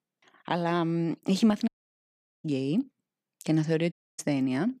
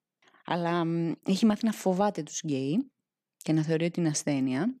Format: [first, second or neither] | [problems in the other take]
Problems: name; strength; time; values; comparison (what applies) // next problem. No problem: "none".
second | audio cutting out; at 1.5 s for 1 s and at 4 s